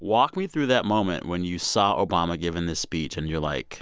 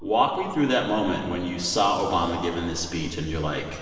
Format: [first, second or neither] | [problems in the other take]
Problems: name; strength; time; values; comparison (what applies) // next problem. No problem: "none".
first | room echo; dies away in 2.6 s